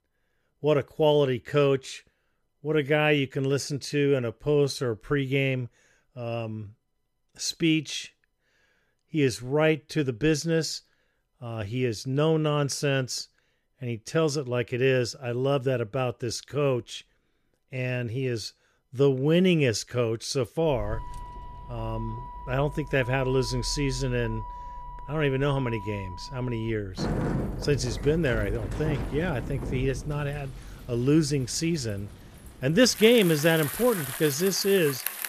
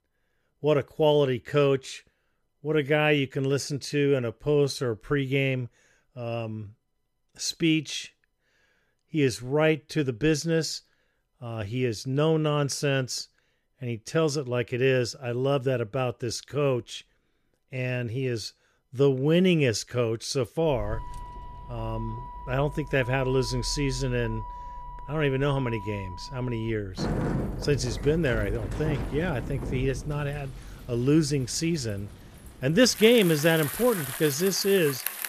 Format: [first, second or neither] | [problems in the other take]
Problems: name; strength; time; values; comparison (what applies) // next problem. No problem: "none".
neither | traffic noise; loud; from 21 s on; 10 dB below the speech; the same in both